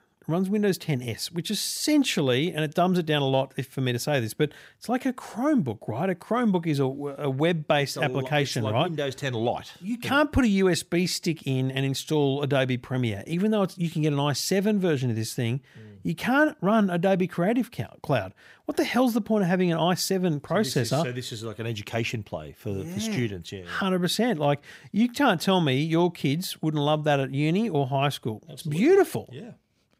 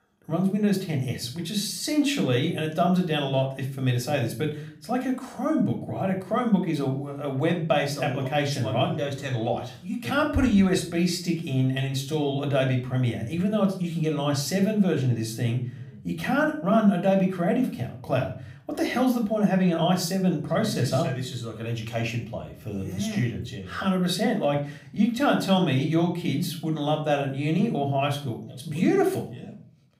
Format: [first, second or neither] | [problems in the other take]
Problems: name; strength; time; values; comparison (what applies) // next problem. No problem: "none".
first | room echo; slight; dies away in 0.4 s // off-mic speech; somewhat distant